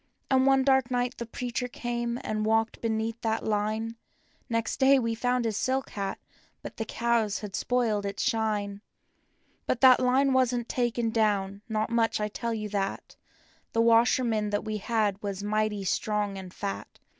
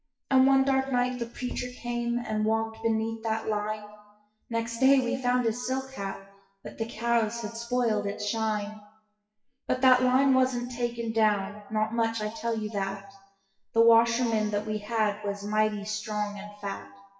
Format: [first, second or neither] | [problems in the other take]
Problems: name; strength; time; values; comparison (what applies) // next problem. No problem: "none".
first | noise reduction (classical method WPE with log-MMSE)